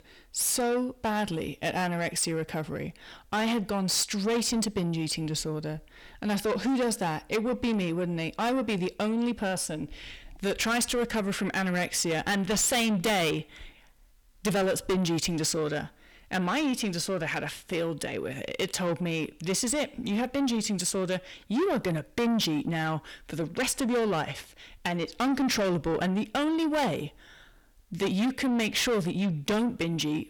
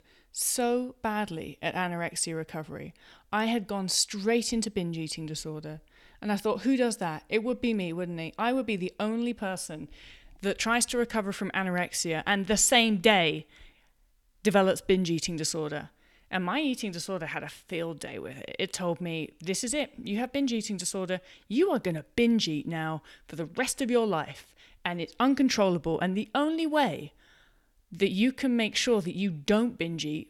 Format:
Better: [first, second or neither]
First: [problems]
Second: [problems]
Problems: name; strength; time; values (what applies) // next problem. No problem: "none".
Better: second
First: distortion; heavy; 6 dB below the speech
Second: none